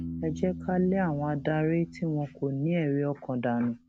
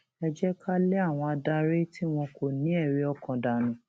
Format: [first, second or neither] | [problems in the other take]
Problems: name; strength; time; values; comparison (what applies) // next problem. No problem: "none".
second | background sound (Piano); 13 dB below the speech